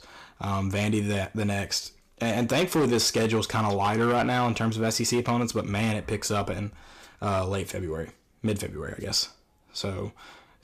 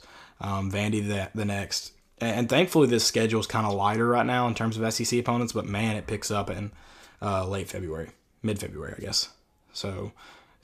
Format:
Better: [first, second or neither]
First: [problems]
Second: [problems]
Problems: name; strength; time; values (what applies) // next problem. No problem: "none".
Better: second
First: distortion; slight; 5% of the sound clipped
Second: none